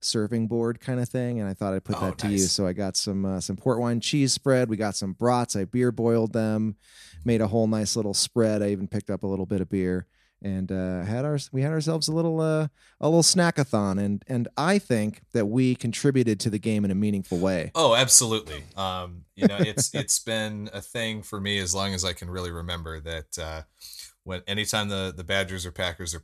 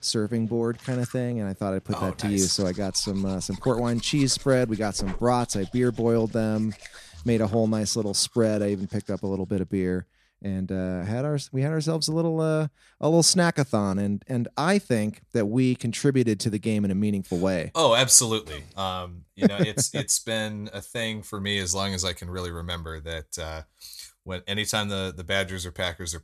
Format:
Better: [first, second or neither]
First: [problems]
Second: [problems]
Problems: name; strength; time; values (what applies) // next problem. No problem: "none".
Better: first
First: none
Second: household noises; faint; until 9.5 s; 20 dB below the speech